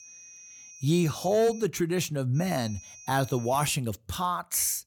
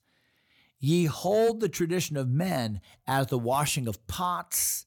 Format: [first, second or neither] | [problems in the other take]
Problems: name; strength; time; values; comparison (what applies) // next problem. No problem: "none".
second | high-pitched whine; noticeable; until 1.5 s and from 2.5 to 4 s; 6 kHz, 20 dB below the speech